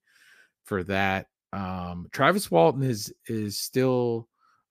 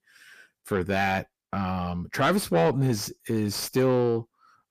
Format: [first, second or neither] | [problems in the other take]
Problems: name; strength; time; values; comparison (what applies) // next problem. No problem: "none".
first | distortion; heavy; 8 dB below the speech